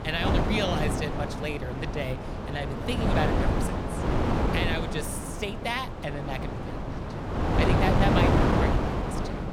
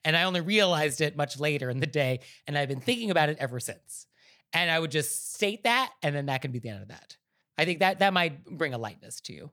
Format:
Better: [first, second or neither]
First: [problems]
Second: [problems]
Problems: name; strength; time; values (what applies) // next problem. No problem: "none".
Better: second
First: wind noise on the microphone; heavy; 1 dB above the speech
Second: none